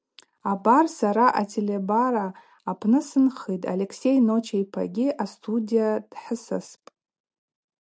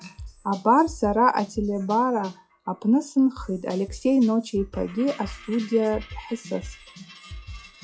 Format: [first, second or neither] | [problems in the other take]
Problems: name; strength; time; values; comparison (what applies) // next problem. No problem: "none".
first | noise reduction (classical method log-MMSE)